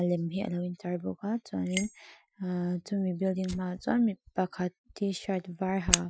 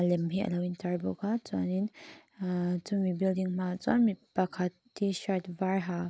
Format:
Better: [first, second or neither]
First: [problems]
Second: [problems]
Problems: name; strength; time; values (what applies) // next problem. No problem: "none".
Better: second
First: noise reduction (classical method Wiener filter)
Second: none